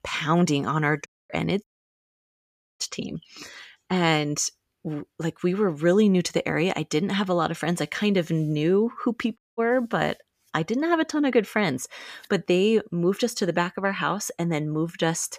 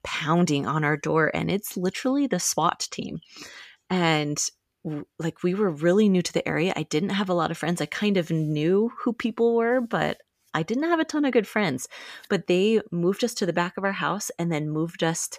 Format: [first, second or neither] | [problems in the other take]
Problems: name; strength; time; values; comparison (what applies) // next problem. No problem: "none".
second | audio cutting out; at 1 s, at 1.5 s for 1 s and at 9.5 s